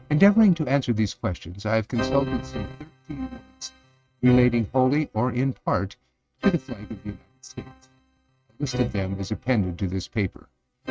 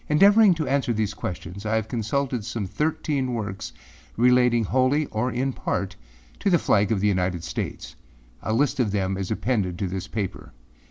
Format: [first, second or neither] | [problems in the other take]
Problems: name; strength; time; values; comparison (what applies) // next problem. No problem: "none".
second | noise reduction (neural mask model RNNoise)